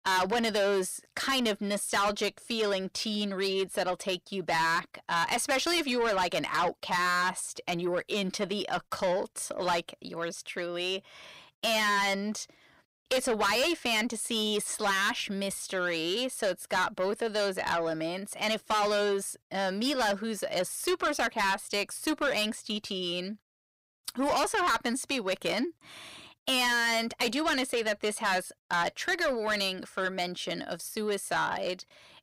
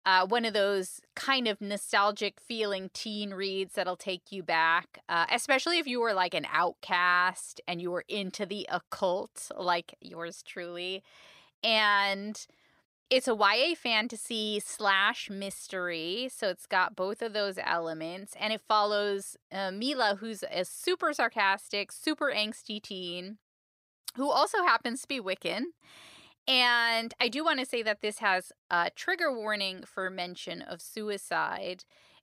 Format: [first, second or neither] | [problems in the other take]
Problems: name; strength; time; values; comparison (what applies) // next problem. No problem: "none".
second | distortion; heavy; 6 dB below the speech